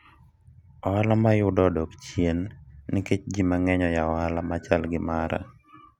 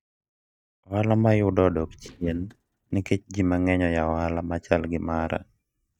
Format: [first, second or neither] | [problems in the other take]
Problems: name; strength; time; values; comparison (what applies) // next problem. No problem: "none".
first | noise reduction (neural mask model DeepFilterNet 3)